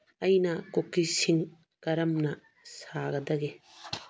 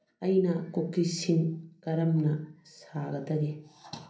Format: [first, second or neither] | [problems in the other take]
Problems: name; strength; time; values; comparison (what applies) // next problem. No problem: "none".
first | room echo; dies away in 0.6 s